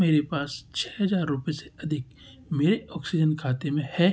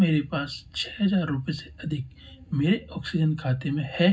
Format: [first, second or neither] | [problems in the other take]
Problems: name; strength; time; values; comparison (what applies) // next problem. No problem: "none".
first | room echo; dies away in 0.4 s